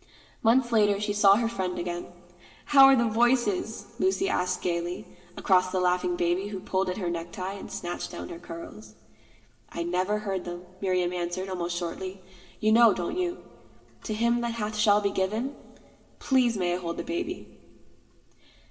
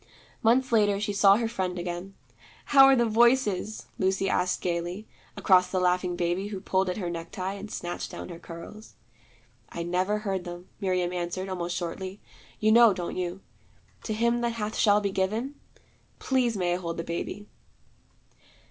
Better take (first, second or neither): second